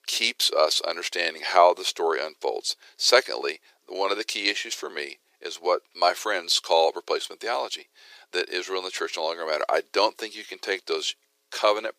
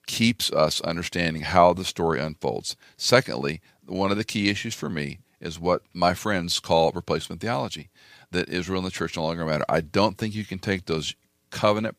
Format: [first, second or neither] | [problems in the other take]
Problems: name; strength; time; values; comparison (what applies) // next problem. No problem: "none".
second | thin; very; fading below 350 Hz